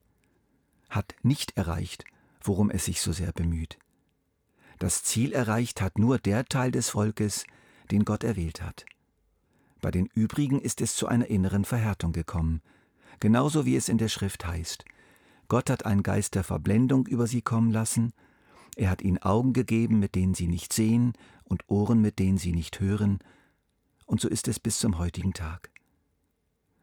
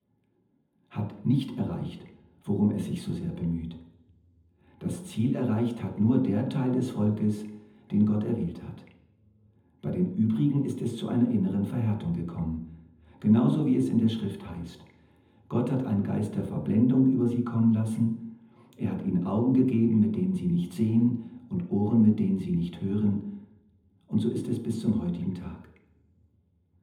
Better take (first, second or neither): first